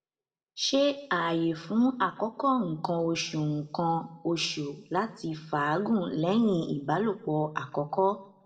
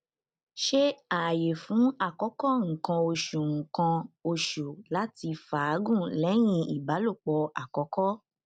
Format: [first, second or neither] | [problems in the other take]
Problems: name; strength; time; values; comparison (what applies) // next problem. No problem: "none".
second | room echo; dies away in 0.7 s